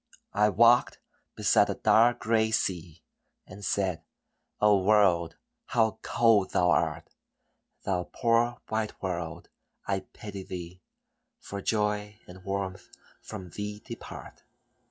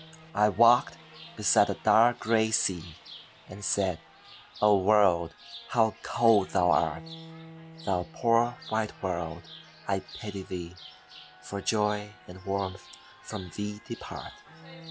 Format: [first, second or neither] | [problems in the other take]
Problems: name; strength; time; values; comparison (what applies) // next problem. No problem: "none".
first | background sound (Bowed string instrument + Chirp, tweet); 19 dB below the speech